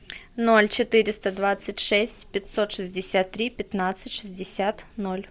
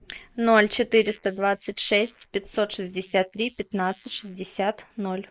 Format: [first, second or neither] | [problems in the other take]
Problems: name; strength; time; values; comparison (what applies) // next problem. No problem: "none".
first | noise reduction (neural mask model Resemble Enhance denoiser)